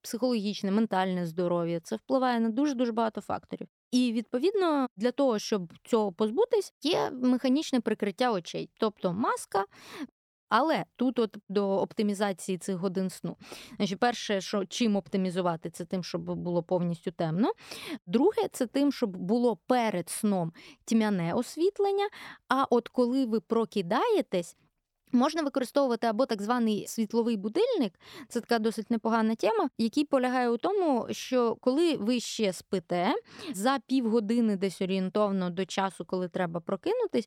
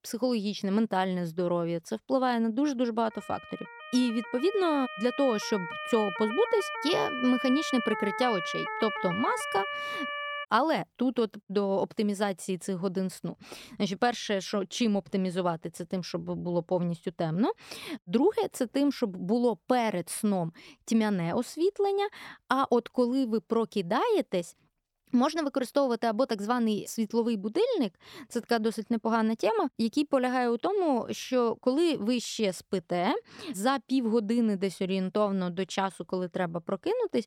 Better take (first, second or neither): first